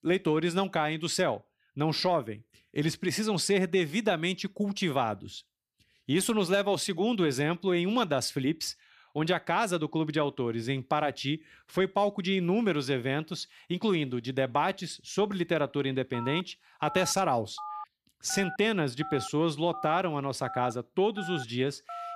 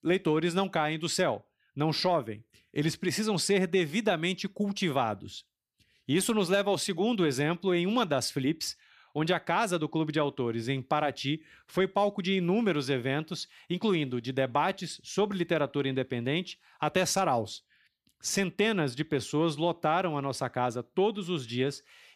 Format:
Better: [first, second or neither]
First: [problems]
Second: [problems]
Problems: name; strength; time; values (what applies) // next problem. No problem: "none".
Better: second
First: phone ringing; faint; from 16 s on; peak 10 dB below the speech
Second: none